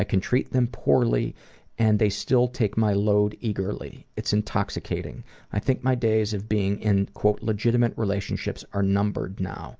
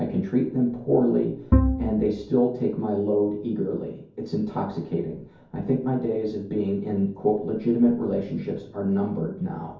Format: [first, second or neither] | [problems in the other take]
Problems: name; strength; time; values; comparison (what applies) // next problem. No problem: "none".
first | background sound (Bowed string instrument); 1 dB above the speech // room echo; dies away in 0.6 s